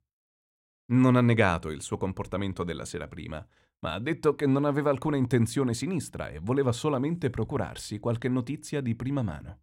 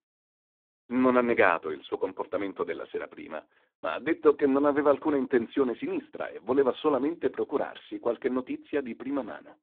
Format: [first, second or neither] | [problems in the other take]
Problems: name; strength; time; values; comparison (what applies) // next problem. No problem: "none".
first | phone-call audio; poor line